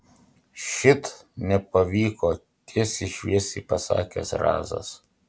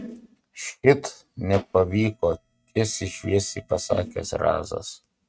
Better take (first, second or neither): first